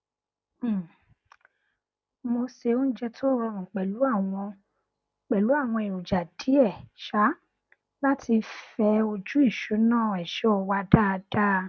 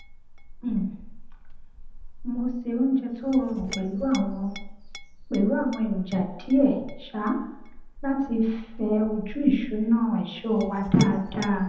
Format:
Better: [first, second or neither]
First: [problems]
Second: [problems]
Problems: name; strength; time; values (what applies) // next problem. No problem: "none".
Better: first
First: none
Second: background sound (Chink, clink); 13 dB below the speech // room echo; dies away in 0.8 s